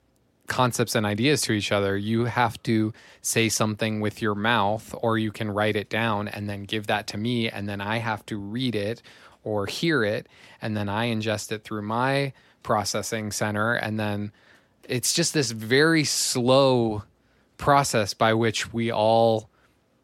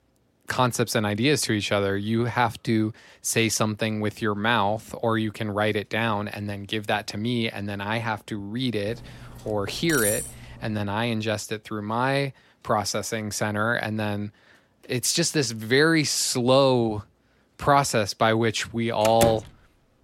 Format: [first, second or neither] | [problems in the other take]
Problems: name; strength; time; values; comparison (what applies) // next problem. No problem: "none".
first | clattering dishes; noticeable; from 9 to 11 s; peak 1 dB below the speech // door banging; noticeable; at 19 s; peak 3 dB below the speech